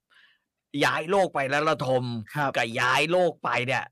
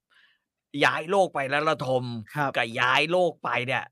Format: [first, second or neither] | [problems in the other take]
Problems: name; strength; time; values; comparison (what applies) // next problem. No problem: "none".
second | distortion; slight; 10 dB below the speech